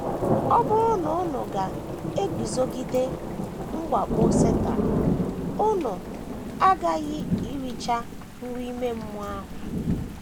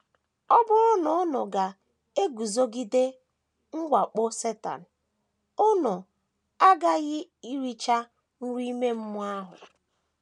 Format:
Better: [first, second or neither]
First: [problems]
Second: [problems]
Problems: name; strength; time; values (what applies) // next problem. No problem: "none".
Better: second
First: background sound (Thunder / Rain); as loud as the speech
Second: none